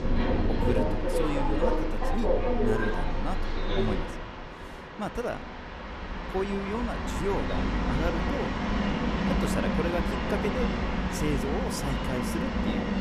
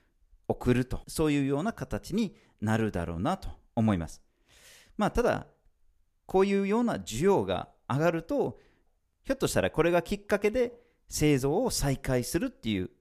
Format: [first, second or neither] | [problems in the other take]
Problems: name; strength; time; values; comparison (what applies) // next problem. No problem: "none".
second | train or aircraft noise; very loud; throughout; 5 dB above the speech